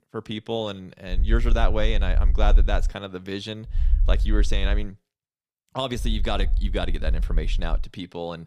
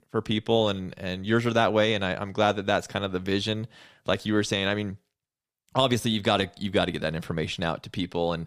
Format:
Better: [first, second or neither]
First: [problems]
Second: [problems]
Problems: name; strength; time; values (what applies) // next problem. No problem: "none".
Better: second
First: low rumble; noticeable; from 1 to 3 s, from 3.5 to 5 s and from 6 to 8 s; 20 dB below the speech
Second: none